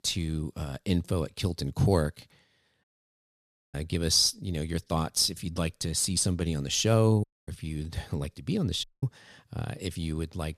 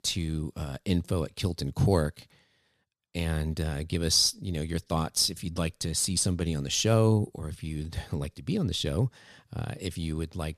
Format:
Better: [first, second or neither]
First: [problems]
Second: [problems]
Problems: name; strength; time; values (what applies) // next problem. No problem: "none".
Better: second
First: audio cutting out; at 3 s for 1 s, at 7 s and at 9 s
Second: none